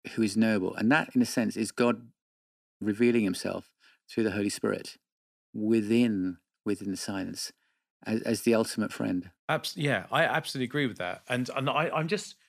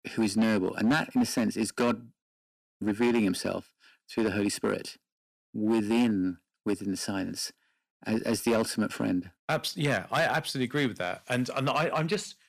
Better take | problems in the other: first | distortion; slight; 5% of the sound clipped

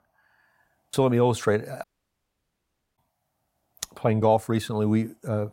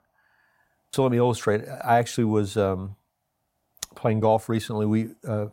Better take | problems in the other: second | audio cutting out; at 2 s for 1 s

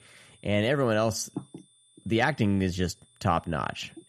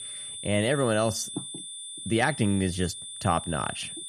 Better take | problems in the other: first | high-pitched whine; loud; throughout; 3.5 kHz, 9 dB below the speech; faint in the first

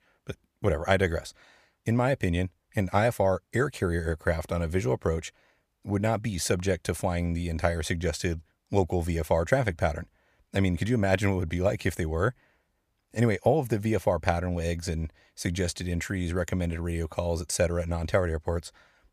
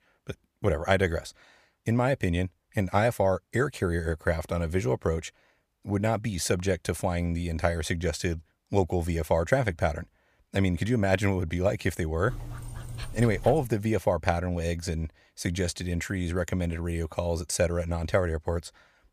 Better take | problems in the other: first | dog barking; faint; from 12 to 14 s; peak 10 dB below the speech

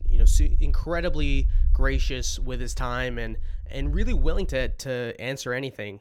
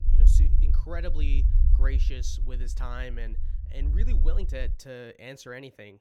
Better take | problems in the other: first | low rumble; loud; until 4.5 s; 7 dB below the speech; faint in the first

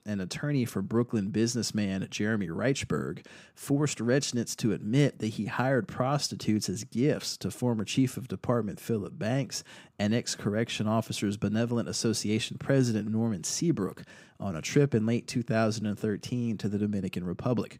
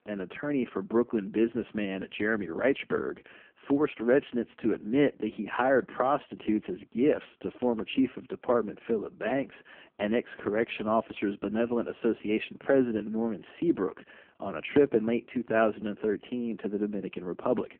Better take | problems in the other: first | phone-call audio; poor line

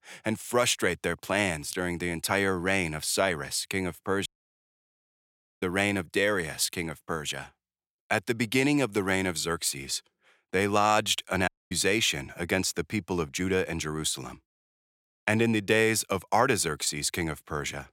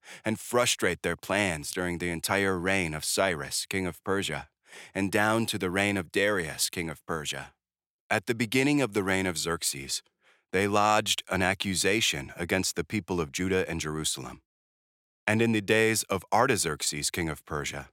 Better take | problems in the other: second | audio cutting out; at 4.5 s for 1.5 s and at 11 s

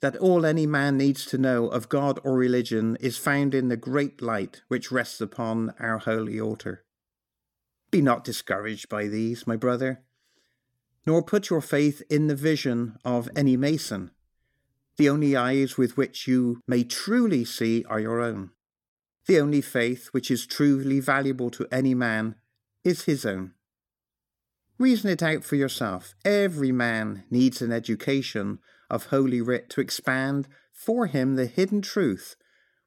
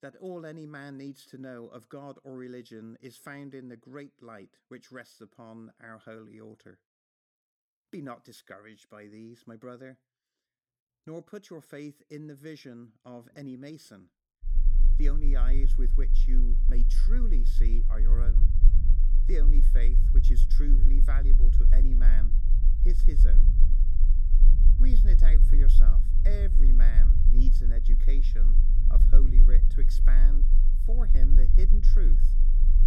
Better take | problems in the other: first | low rumble; loud; from 14 s on; 5 dB below the speech

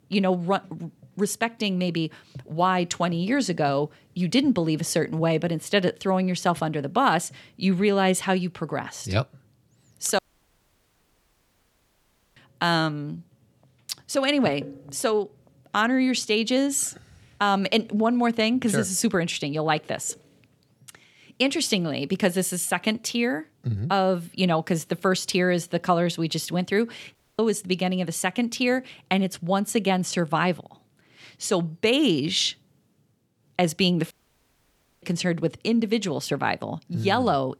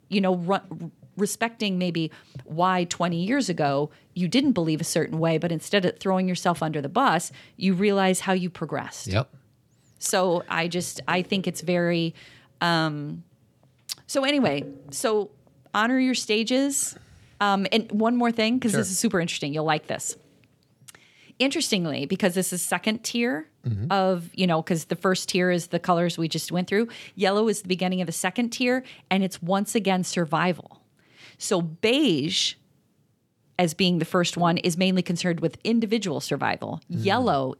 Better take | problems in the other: second | audio cutting out; at 10 s for 2 s, at 27 s and at 34 s for 1 s

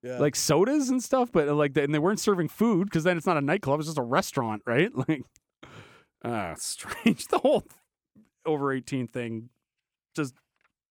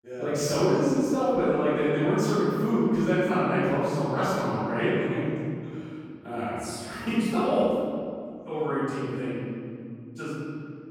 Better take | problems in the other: first | off-mic speech; far // room echo; strong; dies away in 2.4 s

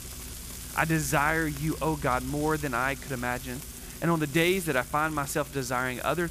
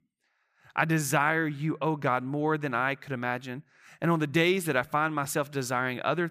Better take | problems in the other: second | household noises; noticeable; throughout; 10 dB below the speech

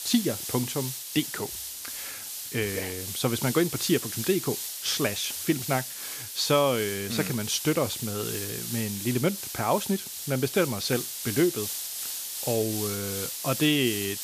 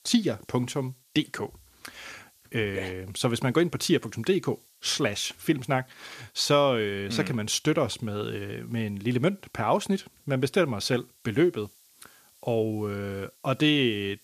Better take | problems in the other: second | hiss; loud; throughout; 4 dB below the speech; faint in the second

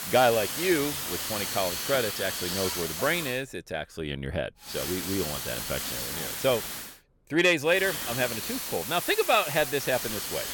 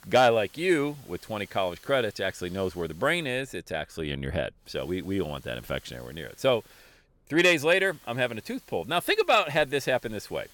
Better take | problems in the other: second | hiss; loud; until 3.5 s, from 4.5 to 7 s and from 7.5 s on; 3 dB below the speech; faint in the second

